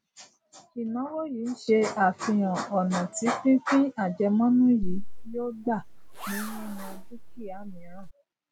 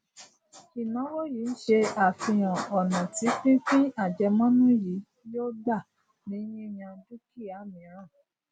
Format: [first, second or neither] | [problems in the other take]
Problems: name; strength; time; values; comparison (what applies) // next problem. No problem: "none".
second | background sound (Zipper (clothing)); 5 dB below the speech